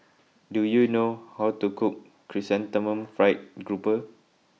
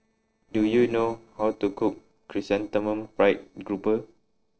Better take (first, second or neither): first